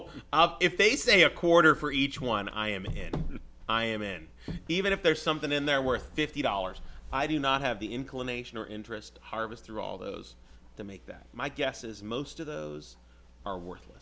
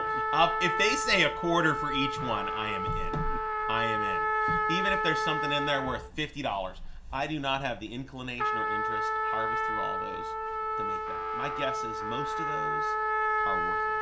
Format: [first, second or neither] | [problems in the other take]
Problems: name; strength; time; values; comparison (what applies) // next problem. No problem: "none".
first | background sound (Trumpet); 2 dB above the speech // room echo; dies away in 0.3 s